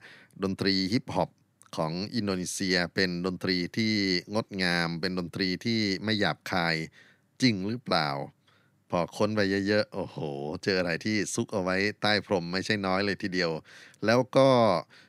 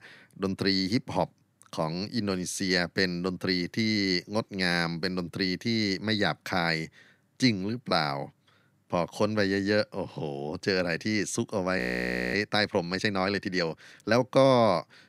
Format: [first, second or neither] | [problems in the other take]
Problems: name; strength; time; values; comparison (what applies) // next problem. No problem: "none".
first | audio freezing; at 12 s for 0.5 s